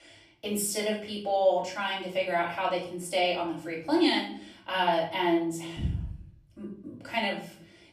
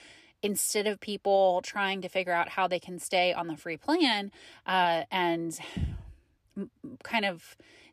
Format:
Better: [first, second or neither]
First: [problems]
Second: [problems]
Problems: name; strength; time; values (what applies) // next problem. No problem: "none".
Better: second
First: off-mic speech; far // room echo; slight; dies away in 0.5 s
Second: none